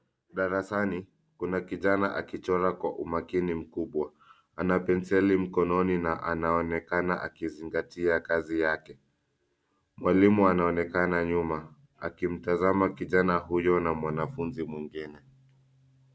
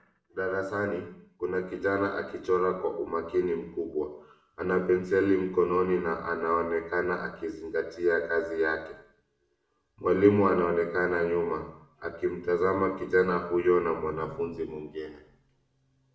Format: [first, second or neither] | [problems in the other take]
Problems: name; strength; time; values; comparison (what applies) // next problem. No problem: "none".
first | room echo; dies away in 0.6 s